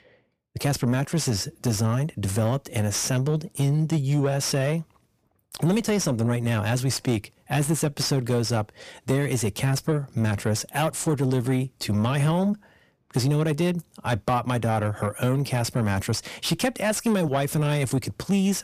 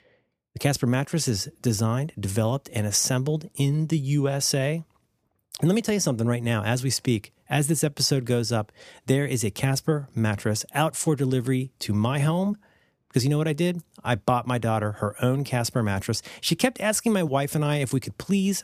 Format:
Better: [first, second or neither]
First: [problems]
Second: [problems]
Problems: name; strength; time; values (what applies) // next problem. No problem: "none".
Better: second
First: distortion; slight; 10 dB below the speech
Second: none